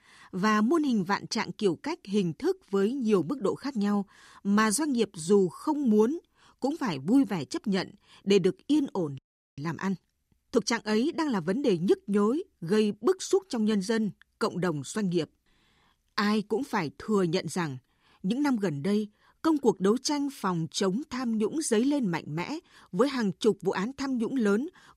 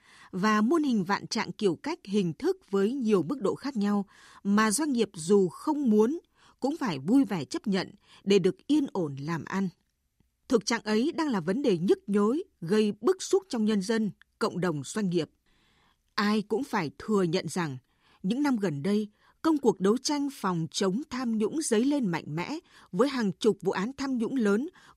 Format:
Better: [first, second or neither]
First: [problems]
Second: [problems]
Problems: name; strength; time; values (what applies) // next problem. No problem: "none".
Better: second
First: audio freezing; at 9 s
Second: none